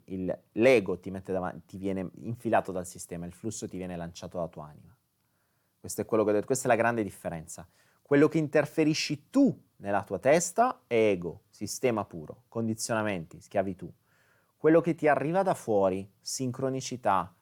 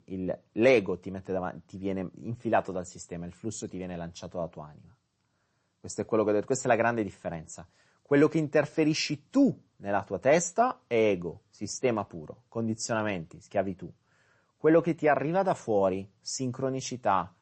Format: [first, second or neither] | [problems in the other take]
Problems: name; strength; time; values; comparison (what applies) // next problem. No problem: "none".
first | garbled, watery; slightly; nothing above 8 kHz